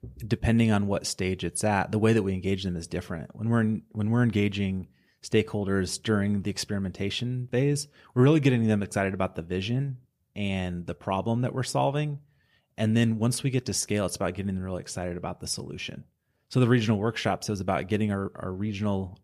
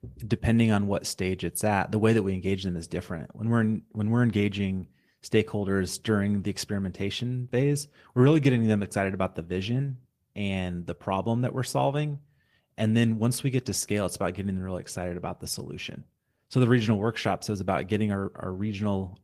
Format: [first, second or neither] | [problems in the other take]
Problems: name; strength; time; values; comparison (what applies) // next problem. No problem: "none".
first | garbled, watery; slightly